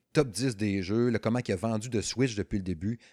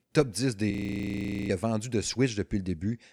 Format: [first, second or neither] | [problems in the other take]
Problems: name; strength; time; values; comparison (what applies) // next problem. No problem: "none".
first | audio freezing; at 0.5 s for 1 s